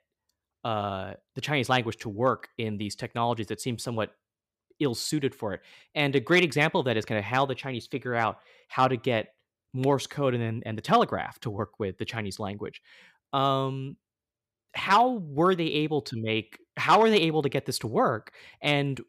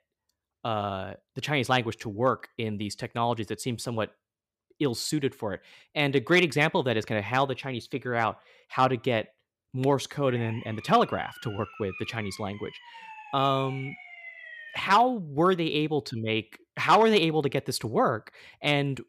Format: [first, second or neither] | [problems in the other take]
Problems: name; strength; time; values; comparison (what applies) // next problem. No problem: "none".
first | siren; faint; from 10 to 15 s; peak 15 dB below the speech